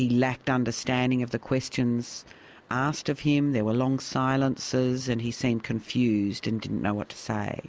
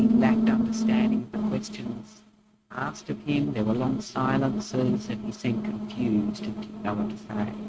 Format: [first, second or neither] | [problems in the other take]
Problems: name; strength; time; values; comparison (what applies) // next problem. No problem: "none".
first | noise reduction (neural mask model RNNoise)